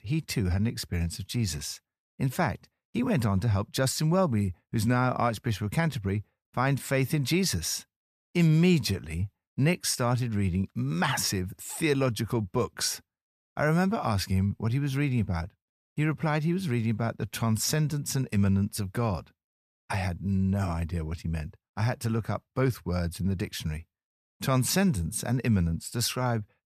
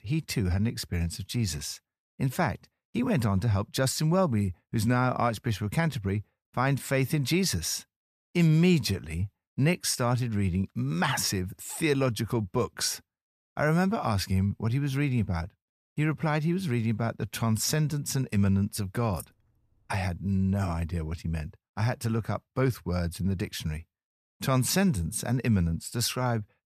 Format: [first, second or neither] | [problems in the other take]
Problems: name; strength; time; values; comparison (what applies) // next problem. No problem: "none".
first | jangling keys; faint; at 19 s; peak 20 dB below the speech